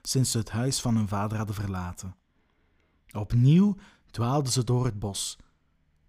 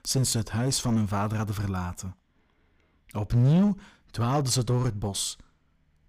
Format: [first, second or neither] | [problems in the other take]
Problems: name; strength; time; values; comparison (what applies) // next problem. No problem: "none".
first | distortion; slight; 6% of the sound clipped